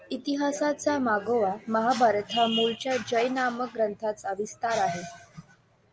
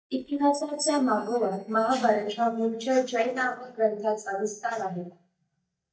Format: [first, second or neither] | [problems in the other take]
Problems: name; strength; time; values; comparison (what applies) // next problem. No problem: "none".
first | noise reduction (neural mask model DeepFilterNet 3)